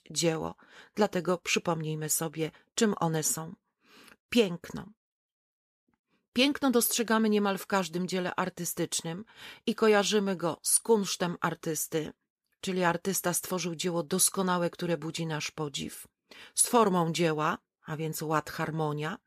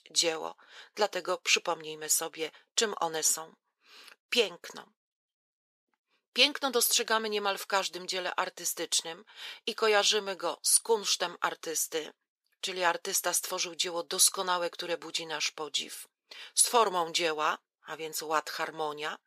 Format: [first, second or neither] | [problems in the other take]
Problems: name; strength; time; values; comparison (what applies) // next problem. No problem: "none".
first | thin; very; fading below 550 Hz